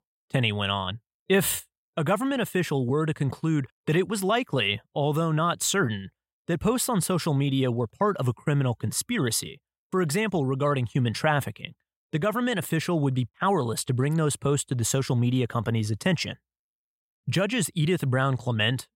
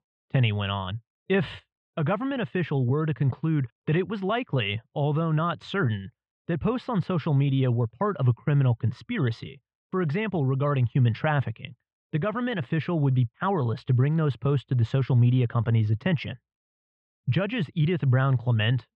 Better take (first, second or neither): first